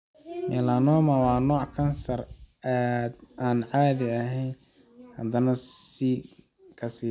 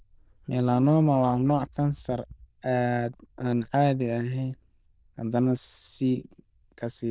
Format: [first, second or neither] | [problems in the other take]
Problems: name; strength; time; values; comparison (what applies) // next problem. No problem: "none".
first | noise reduction (neural diffusion model UNIVERSE++)